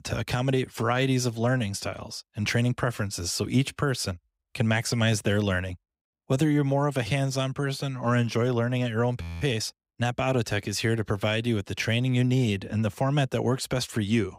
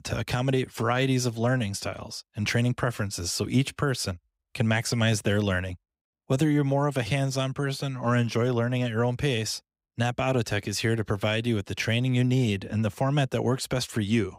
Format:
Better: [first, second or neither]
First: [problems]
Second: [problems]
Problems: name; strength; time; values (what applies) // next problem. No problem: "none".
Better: second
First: audio freezing; at 9 s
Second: none